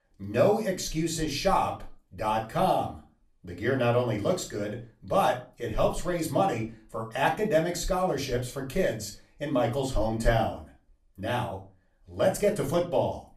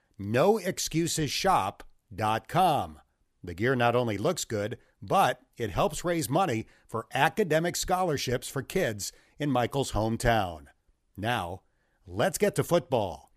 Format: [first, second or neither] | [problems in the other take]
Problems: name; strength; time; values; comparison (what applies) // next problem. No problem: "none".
second | off-mic speech; far // room echo; very slight; dies away in 0.3 s